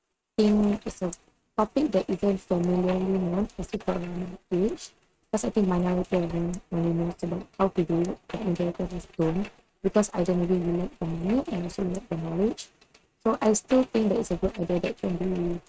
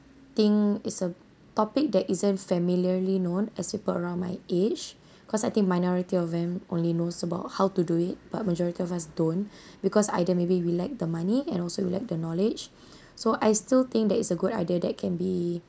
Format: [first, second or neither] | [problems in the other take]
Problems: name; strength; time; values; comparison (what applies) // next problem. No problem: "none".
second | noise reduction (neural mask model RNNoise)